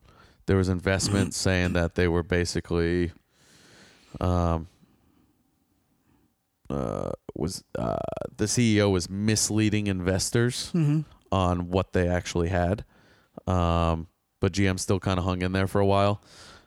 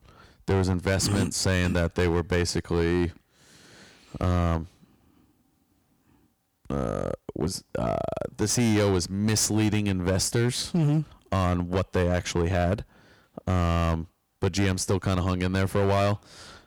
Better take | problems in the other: first | distortion; slight; 9% of the sound clipped

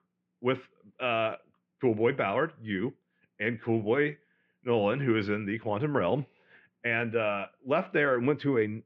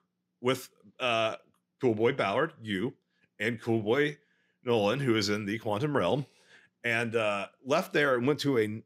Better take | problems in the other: second | muffled; very; fading above 2.5 kHz

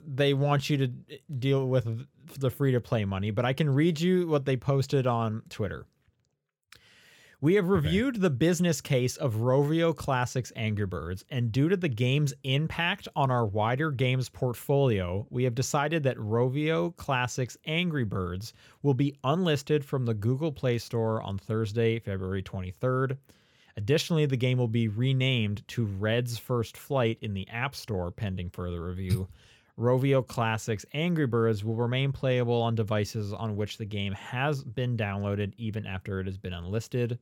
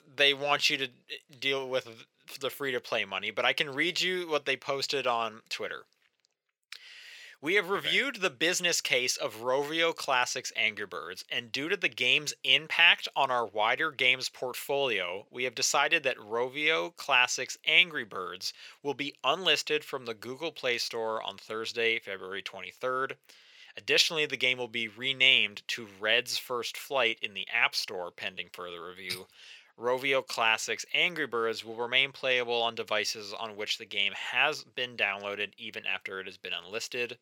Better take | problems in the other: first | thin; very; fading below 550 Hz

